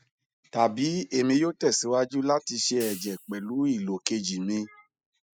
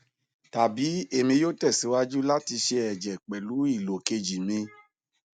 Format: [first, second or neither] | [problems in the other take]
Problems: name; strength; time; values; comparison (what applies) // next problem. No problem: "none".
second | noise reduction (classical method spectral subtraction)